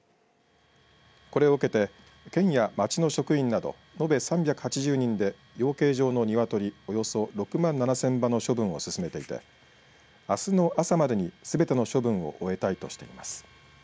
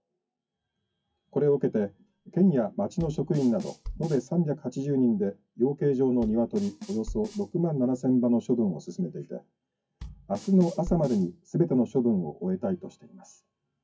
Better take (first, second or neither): first